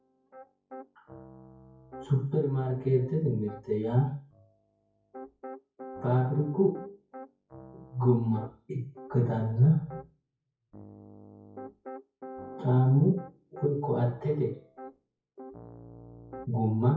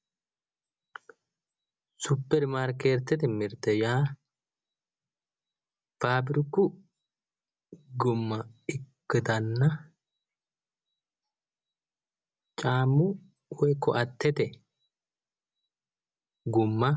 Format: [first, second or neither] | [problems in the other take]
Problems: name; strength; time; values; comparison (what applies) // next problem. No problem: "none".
second | noise reduction (classical method WPE with log-MMSE)